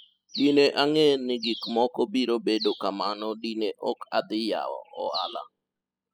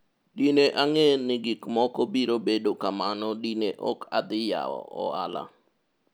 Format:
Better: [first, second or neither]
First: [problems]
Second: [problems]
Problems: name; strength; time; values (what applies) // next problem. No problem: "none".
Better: second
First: noise reduction (classical method spectral subtraction)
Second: none